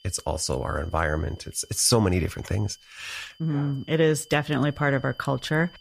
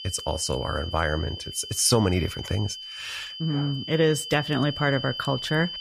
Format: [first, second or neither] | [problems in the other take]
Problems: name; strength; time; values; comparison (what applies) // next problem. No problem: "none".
first | high-pitched whine; loud; throughout; 3 kHz, 9 dB below the speech; faint in the first